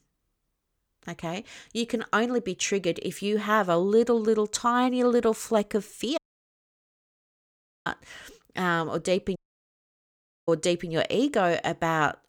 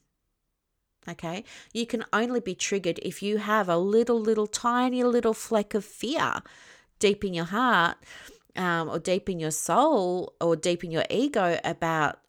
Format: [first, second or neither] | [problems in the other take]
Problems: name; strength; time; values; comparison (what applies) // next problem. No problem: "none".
second | audio cutting out; at 6 s for 1.5 s and at 9.5 s for 1 s